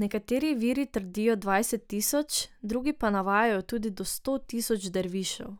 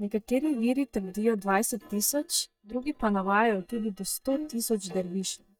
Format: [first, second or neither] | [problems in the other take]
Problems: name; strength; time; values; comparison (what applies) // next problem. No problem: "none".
first | noise reduction (neural mask model DeepFilterNet 3)